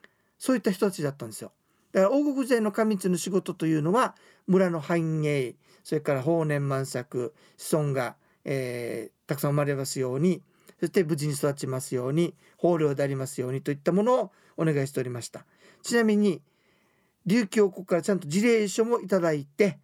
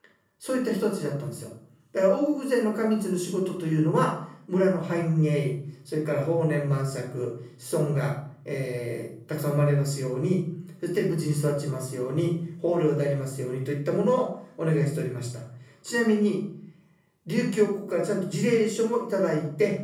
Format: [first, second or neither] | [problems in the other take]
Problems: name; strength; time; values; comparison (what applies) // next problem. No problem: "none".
first | off-mic speech; far // room echo; noticeable; dies away in 0.6 s